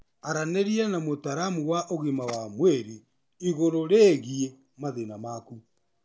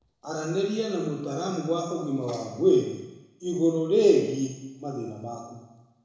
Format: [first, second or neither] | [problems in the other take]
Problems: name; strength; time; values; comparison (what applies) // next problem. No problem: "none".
first | room echo; dies away in 1 s